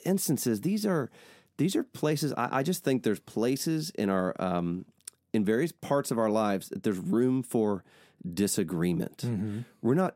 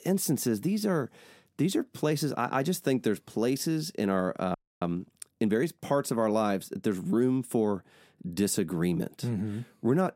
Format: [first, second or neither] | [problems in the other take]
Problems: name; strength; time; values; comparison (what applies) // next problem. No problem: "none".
first | audio freezing; at 4.5 s